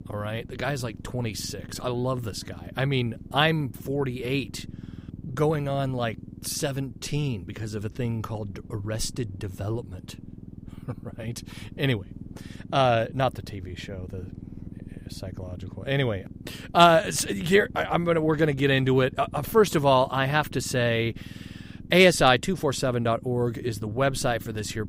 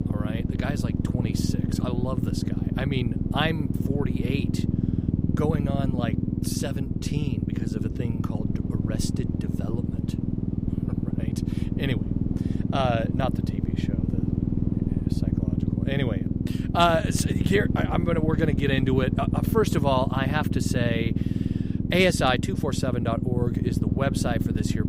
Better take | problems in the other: first | low rumble; loud; throughout; 6 dB below the speech; faint in the first

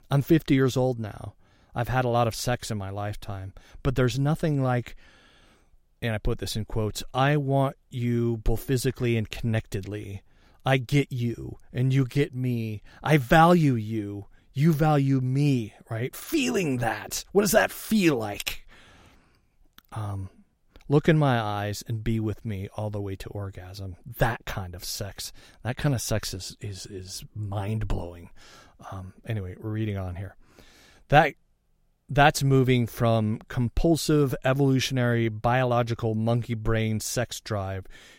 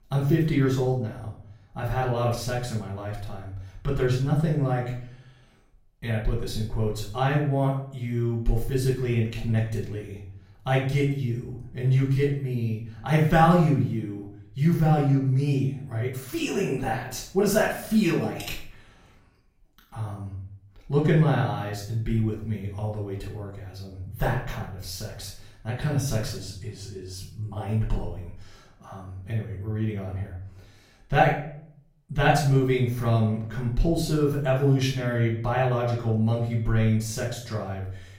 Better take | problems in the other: first | off-mic speech; far // room echo; noticeable; dies away in 0.5 s

